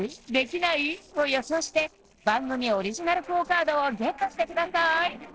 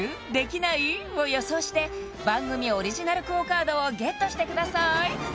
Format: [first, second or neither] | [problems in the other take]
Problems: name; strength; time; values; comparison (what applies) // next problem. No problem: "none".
second | noise reduction (neural separator model SepFormer DNS4)